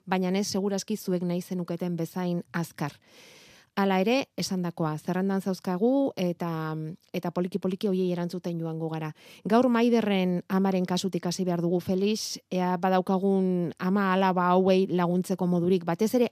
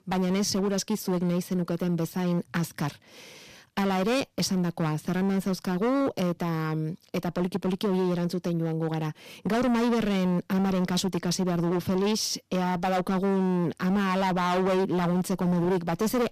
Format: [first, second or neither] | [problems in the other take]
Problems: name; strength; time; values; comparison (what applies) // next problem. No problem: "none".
first | distortion; heavy; 20% of the sound clipped